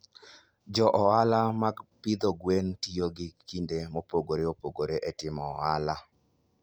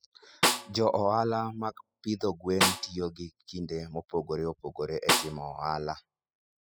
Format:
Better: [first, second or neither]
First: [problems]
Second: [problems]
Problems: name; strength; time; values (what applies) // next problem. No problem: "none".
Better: first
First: none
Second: noise reduction (classical method spectral subtraction)